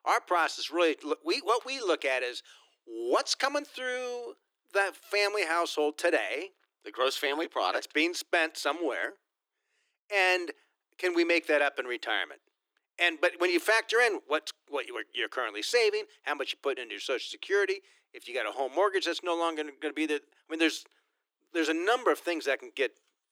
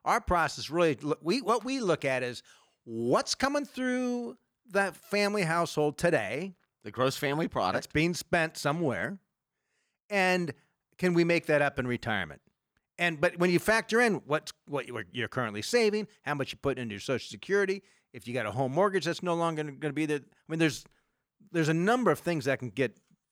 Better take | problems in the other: second | thin; very; fading below 300 Hz

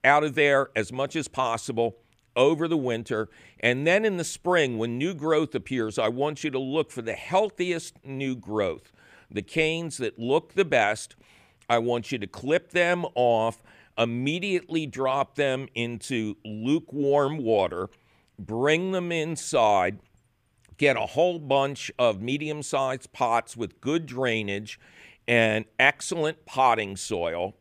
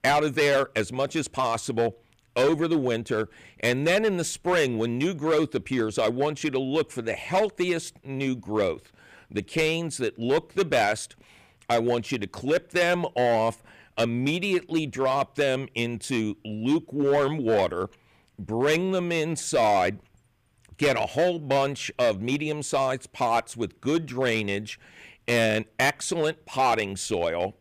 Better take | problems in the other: first | distortion; slight; 6% of the sound clipped

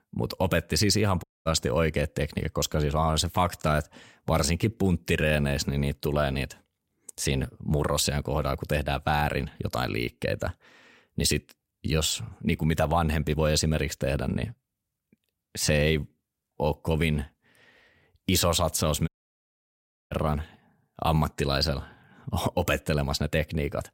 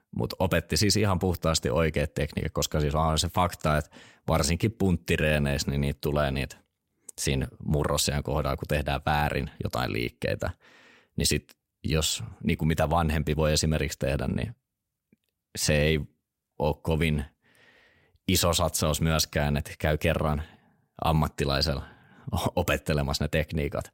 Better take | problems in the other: second | audio cutting out; at 1 s and at 19 s for 1 s

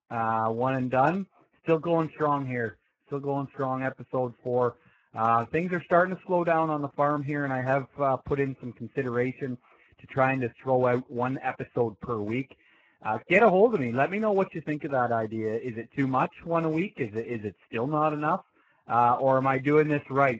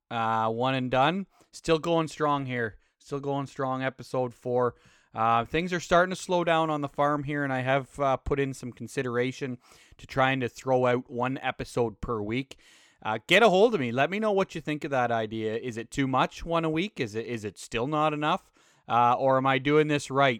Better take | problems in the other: second | garbled, watery; badly

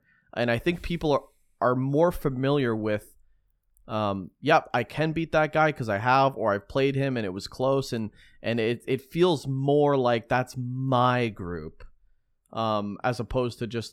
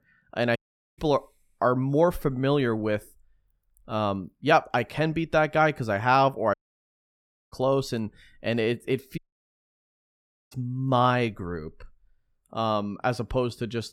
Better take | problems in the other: first | audio cutting out; at 0.5 s, at 6.5 s for 1 s and at 9 s for 1.5 s

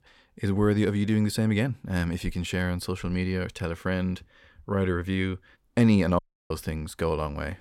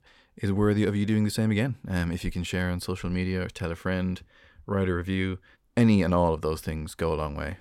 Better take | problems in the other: second | audio cutting out; at 6 s

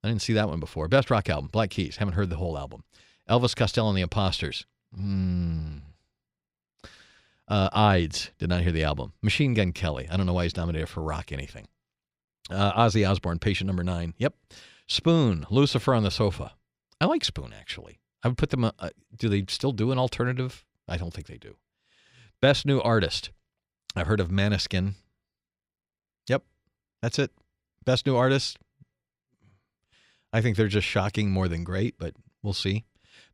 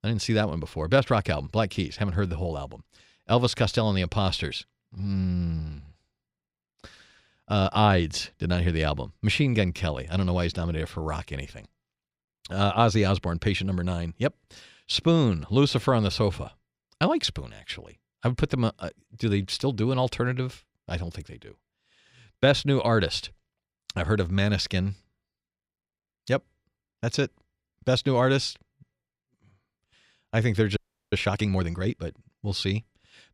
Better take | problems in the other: first | audio freezing; at 31 s

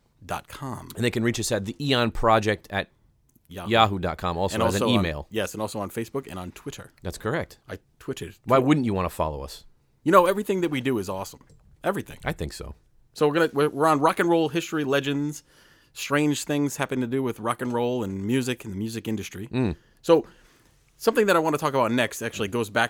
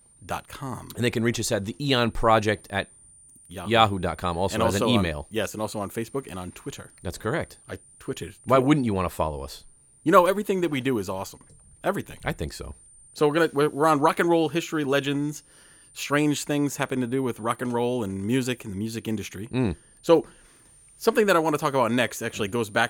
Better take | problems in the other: first | high-pitched whine; faint; throughout; 9 kHz, 25 dB below the speech

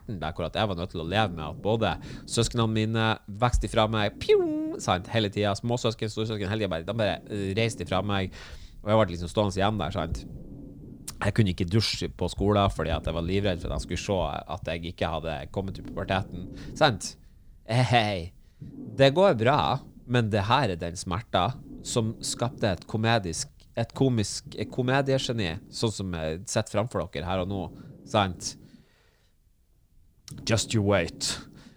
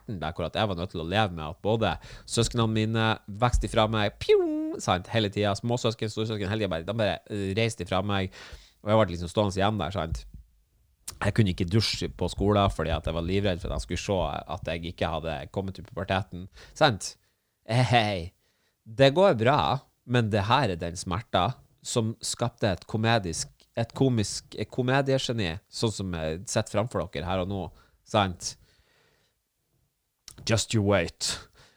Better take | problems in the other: second | low rumble; faint; throughout; 25 dB below the speech

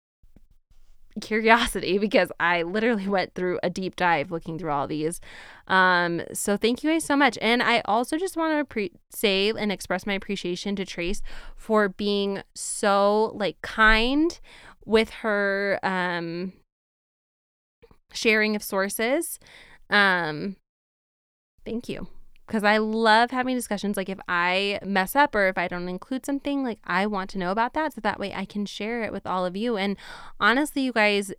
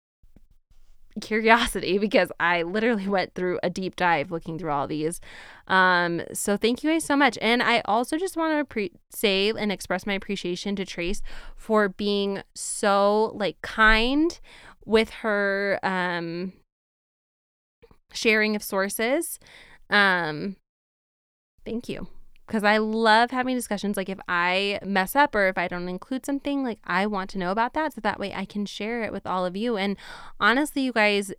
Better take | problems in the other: neither | none

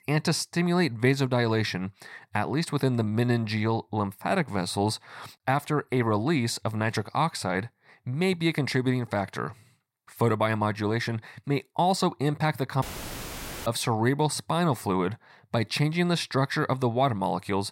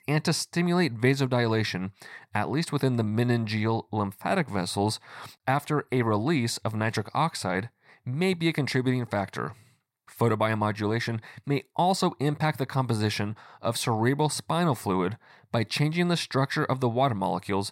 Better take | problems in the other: second | audio cutting out; filled with static; at 13 s for 1 s

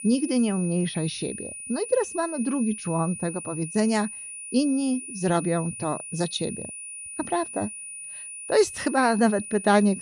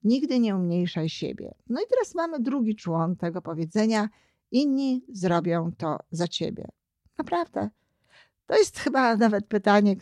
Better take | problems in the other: second | high-pitched whine; loud; throughout; 9.5 kHz, 10 dB below the speech

